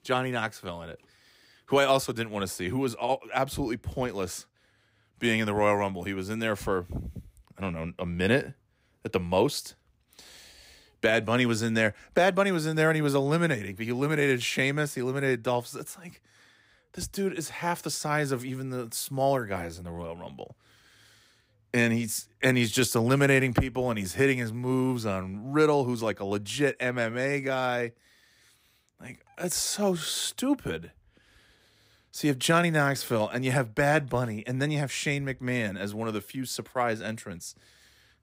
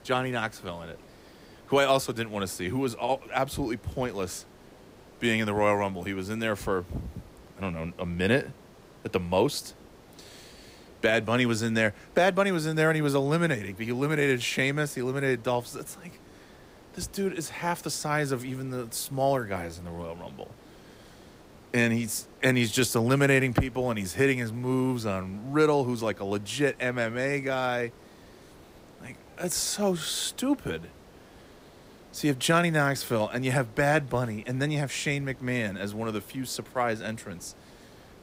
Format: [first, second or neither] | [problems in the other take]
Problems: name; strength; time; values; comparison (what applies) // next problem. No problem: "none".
first | hiss; faint; throughout; 25 dB below the speech